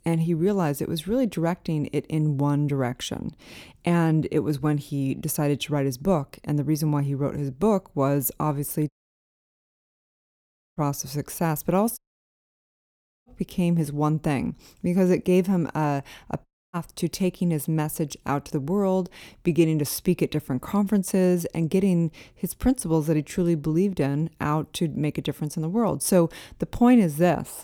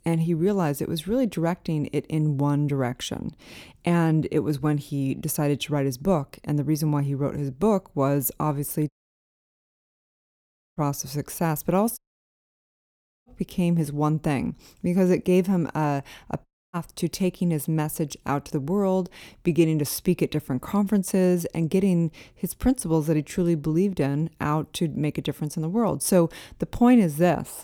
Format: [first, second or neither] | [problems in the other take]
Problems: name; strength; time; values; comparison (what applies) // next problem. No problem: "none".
neither | audio cutting out; at 9 s for 2 s, at 12 s for 1.5 s and at 16 s; the same in both